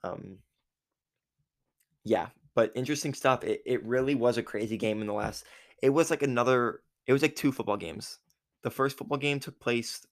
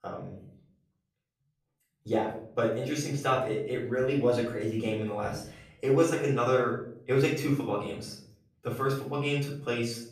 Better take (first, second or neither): first